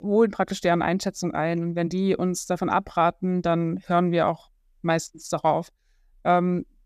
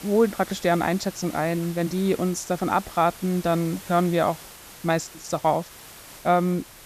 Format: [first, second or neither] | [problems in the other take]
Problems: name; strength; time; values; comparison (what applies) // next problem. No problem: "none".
first | hiss; noticeable; throughout; 15 dB below the speech